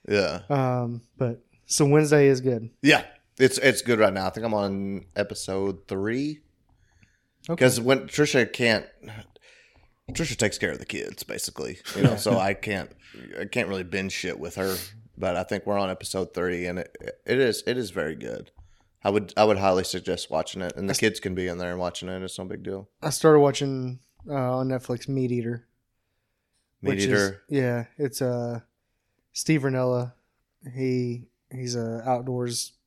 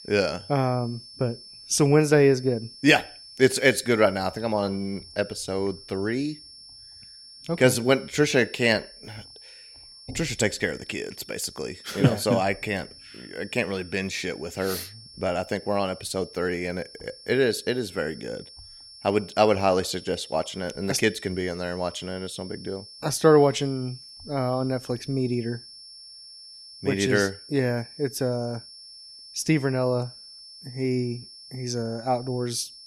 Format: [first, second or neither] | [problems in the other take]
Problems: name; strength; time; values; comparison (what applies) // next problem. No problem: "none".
first | high-pitched whine; noticeable; throughout; 5.5 kHz, 20 dB below the speech